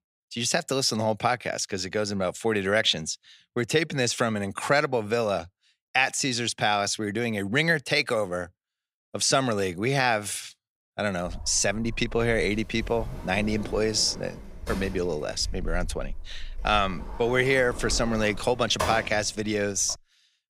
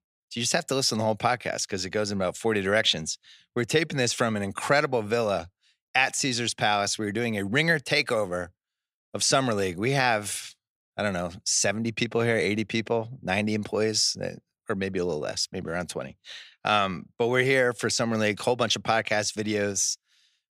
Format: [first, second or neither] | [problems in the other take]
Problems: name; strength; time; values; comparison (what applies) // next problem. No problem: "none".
second | door banging; noticeable; from 11 to 20 s; peak 4 dB below the speech